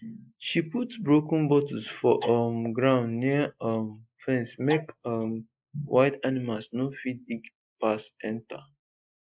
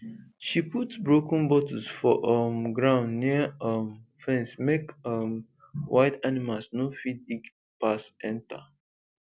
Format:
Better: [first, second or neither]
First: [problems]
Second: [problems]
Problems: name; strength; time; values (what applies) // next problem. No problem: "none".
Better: second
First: noise reduction (neural mask model Resemble Enhance denoiser)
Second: none